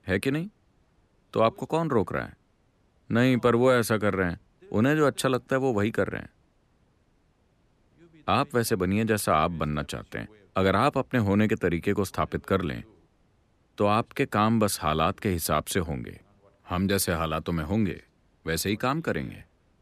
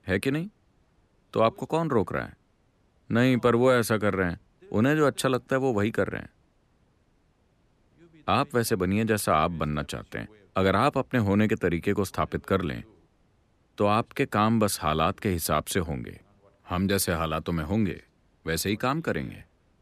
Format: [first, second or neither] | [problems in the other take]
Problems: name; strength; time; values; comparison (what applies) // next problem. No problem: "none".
neither | none